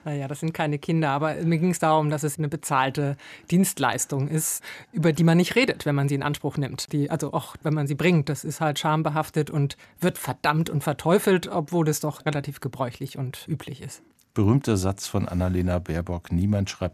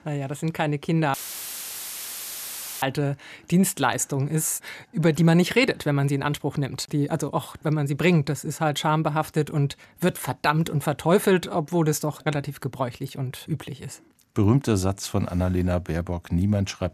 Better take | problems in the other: first | audio cutting out; filled with static; at 1 s for 1.5 s

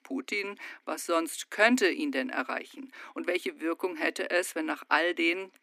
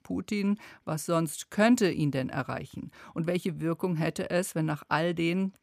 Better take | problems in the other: second | thin; somewhat; fading below 250 Hz

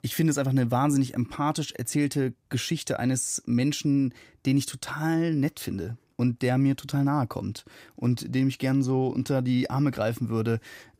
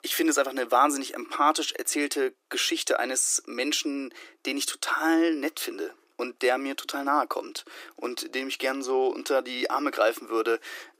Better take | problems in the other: first | thin; very; fading below 300 Hz

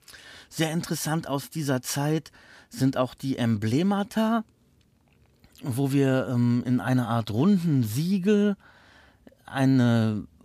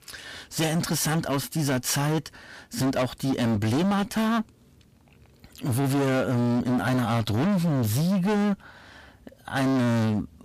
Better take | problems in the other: first | distortion; heavy; 26% of the sound clipped

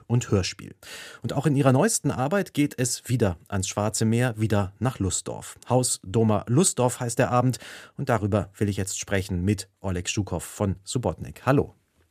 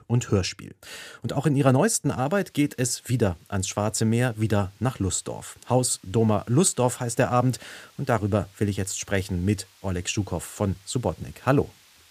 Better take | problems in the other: first | hiss; faint; from 2 s on; 30 dB below the speech

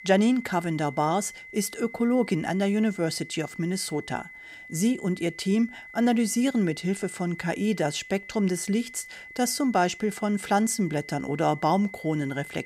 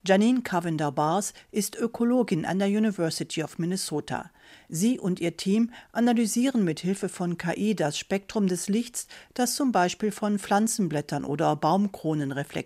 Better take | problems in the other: second | high-pitched whine; noticeable; throughout; 2 kHz, 15 dB below the speech

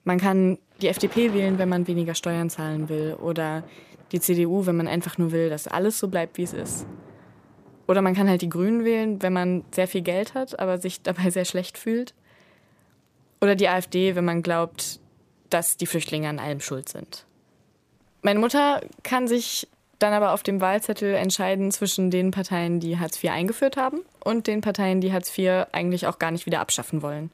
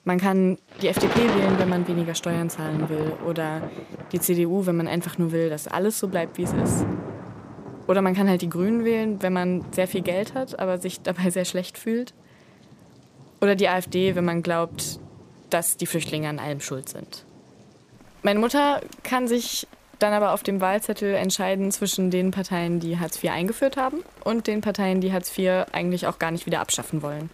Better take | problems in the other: first | rain or running water; loud; throughout; 8 dB below the speech; faint in the first

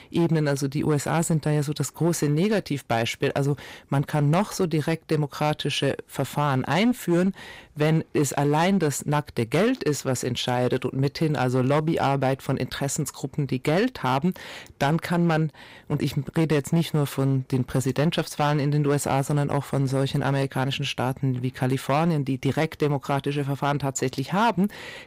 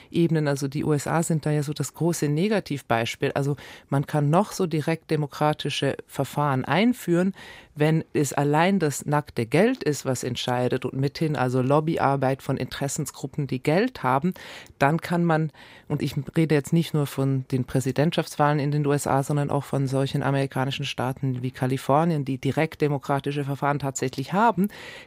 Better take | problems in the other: second | distortion; slight; 8% of the sound clipped

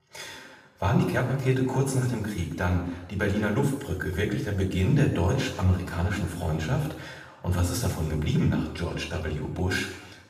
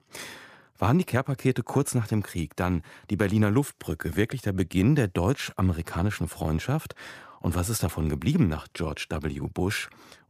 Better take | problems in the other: second | room echo; noticeable; dies away in 0.9 s // off-mic speech; far

